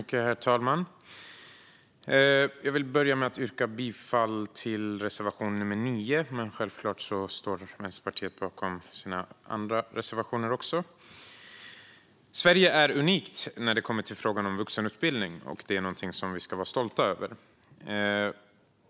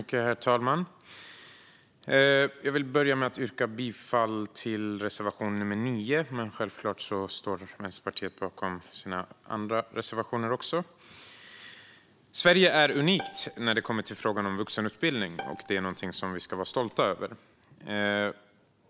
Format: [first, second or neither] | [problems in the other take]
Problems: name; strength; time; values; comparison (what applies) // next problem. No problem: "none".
first | background sound (Bowed string instrument); 17 dB below the speech